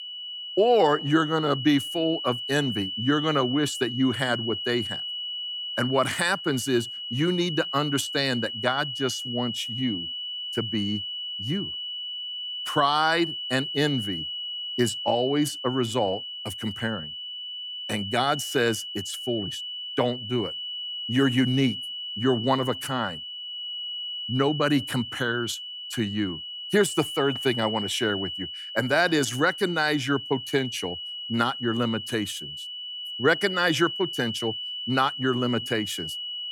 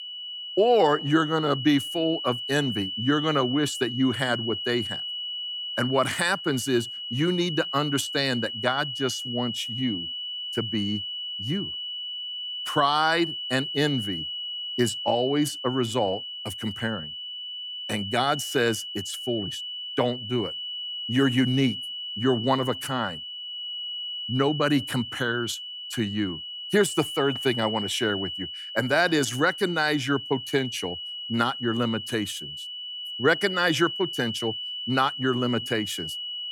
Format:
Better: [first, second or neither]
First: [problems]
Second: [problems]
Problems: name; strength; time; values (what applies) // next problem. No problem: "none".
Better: neither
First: high-pitched whine; loud; throughout; 3 kHz, 6 dB below the speech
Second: high-pitched whine; loud; throughout; 3 kHz, 6 dB below the speech